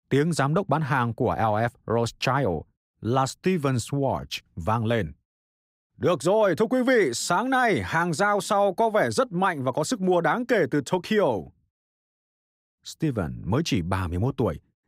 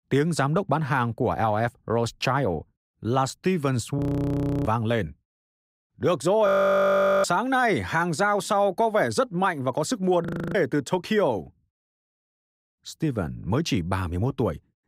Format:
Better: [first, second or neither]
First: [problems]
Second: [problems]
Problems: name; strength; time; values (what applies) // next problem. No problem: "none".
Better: first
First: none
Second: audio freezing; at 4 s for 0.5 s, at 6.5 s for 1 s and at 10 s